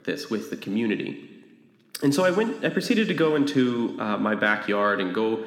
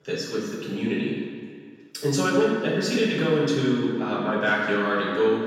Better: first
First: room echo; slight; dies away in 1.4 s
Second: room echo; strong; dies away in 1.7 s // off-mic speech; far

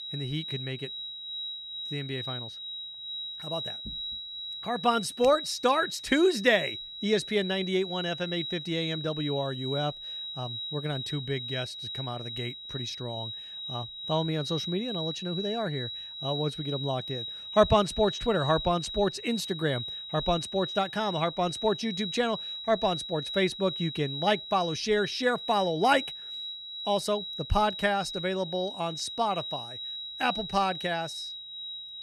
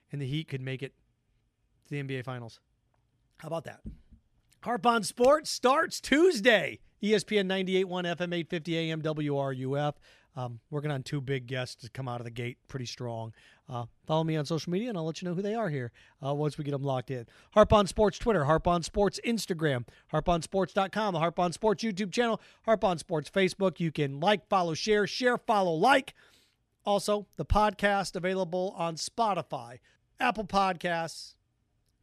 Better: second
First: high-pitched whine; loud; throughout; 4 kHz, 6 dB below the speech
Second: none

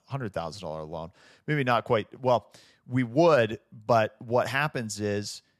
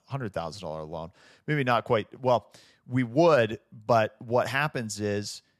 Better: neither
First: none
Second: none

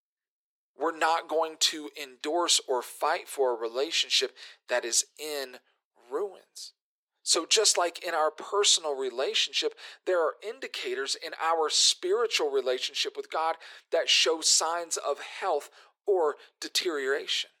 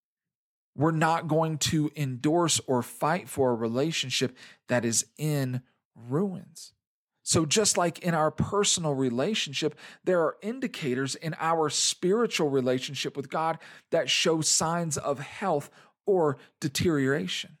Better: second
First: thin; very; fading below 400 Hz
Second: none

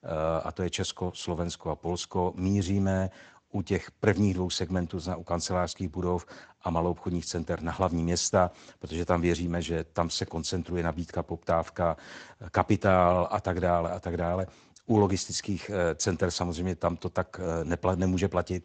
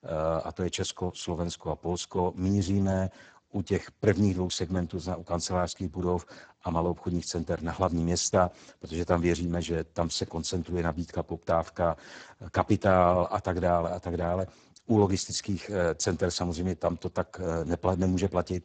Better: first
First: garbled, watery; slightly; nothing above 7.5 kHz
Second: garbled, watery; badly; nothing above 7.5 kHz

